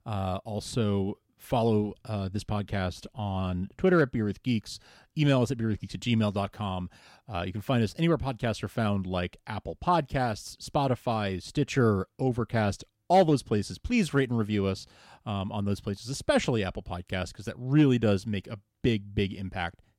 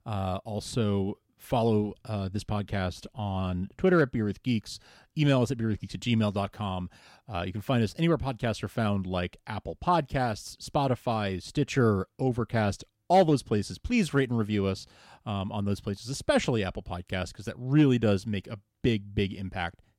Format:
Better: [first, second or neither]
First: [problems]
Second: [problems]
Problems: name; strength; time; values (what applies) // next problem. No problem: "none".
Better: neither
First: none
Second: none